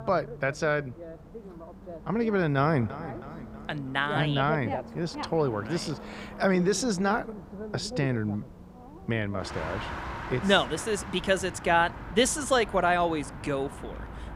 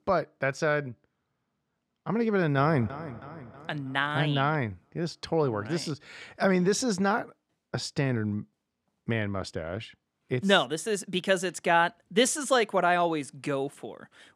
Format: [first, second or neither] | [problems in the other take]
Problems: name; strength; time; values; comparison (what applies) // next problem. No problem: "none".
second | traffic noise; noticeable; throughout; 10 dB below the speech